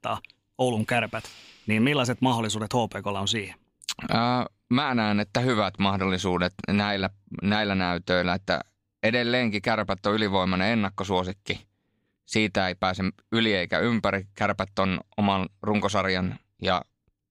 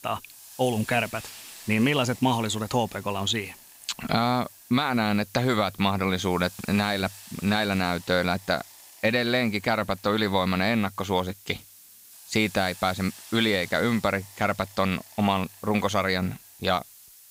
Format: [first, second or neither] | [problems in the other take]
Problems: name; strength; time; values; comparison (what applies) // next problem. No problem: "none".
first | hiss; noticeable; throughout; 20 dB below the speech